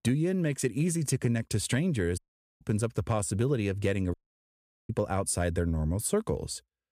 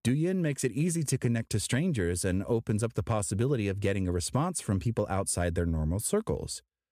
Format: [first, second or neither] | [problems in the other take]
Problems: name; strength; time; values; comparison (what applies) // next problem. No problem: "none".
second | audio cutting out; at 2 s and at 4 s for 1 s